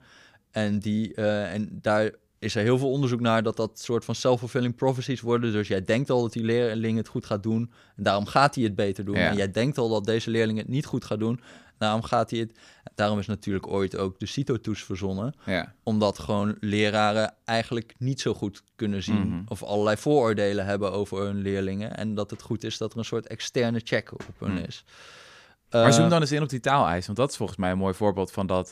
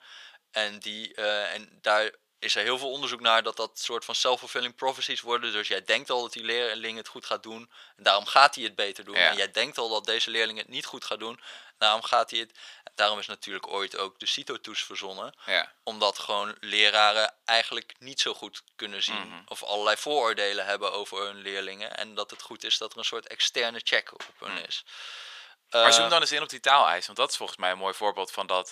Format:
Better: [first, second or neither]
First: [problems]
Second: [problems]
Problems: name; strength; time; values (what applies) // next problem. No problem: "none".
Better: first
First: none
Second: thin; very; fading below 850 Hz